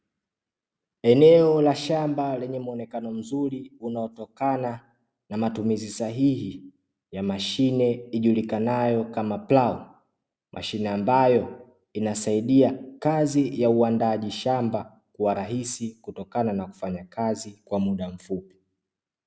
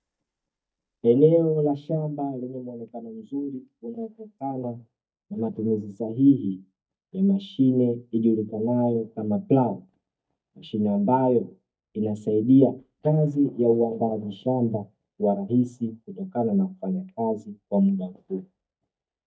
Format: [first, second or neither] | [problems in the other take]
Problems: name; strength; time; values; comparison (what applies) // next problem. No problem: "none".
first | noise reduction (neural mask model DeepFilterNet 3)